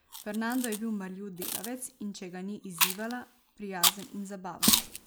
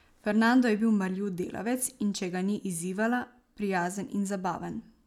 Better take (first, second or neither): second